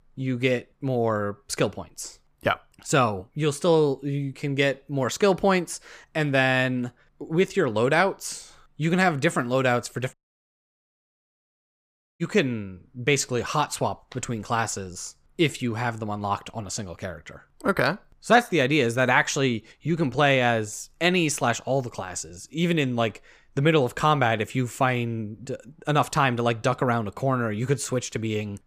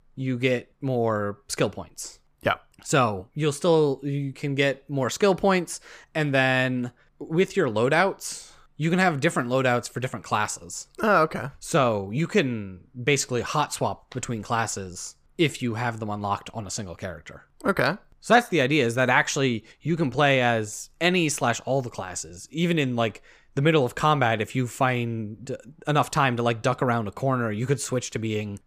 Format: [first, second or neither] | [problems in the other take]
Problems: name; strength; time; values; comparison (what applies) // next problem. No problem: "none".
second | audio cutting out; at 10 s for 2 s